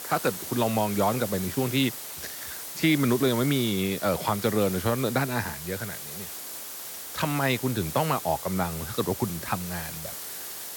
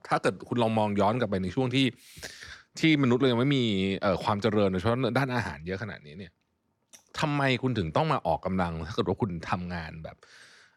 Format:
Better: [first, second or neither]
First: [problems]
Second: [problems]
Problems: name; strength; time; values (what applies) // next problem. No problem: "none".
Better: second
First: hiss; loud; throughout; 8 dB below the speech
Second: none